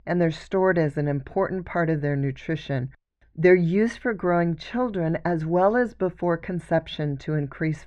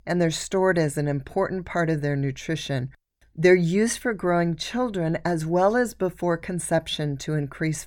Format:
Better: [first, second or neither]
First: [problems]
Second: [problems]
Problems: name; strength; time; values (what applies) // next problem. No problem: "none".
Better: second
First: muffled; slightly; fading above 2.5 kHz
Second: none